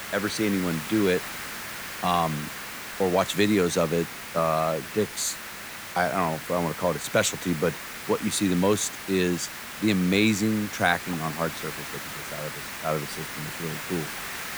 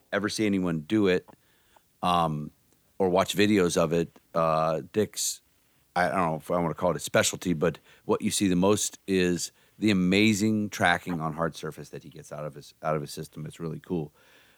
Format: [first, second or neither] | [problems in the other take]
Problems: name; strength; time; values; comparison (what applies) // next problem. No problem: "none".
second | hiss; loud; throughout; 9 dB below the speech